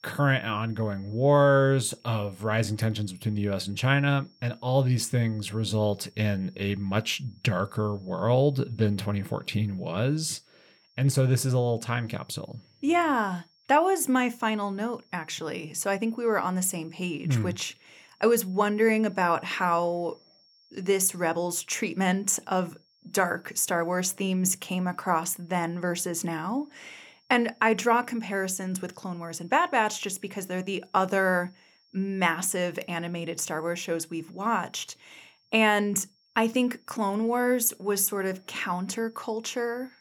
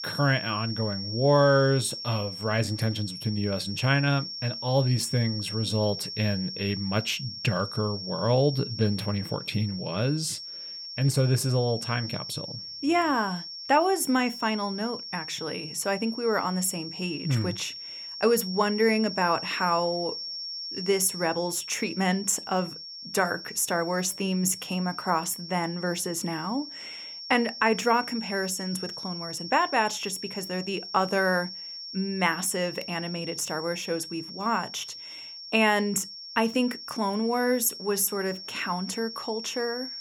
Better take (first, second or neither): first